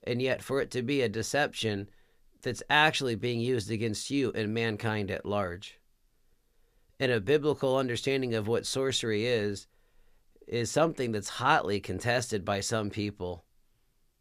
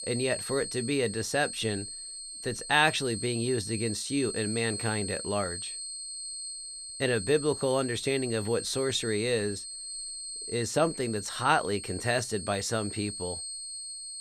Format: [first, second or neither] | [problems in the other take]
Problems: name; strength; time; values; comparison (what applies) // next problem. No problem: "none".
first | high-pitched whine; loud; throughout; 8.5 kHz, 7 dB below the speech